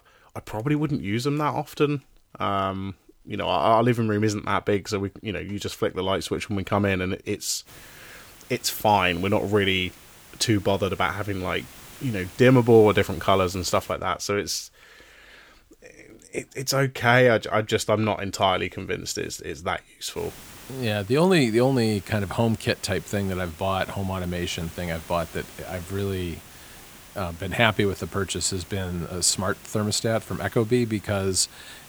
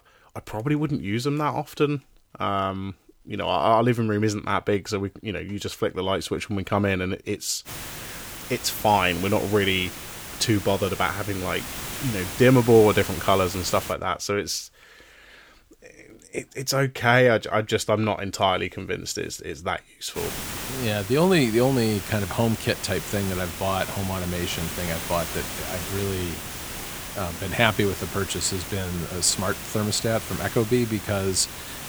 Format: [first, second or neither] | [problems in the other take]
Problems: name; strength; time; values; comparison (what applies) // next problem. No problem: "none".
first | hiss; loud; from 7.5 to 14 s and from 20 s on; 9 dB below the speech; faint in the first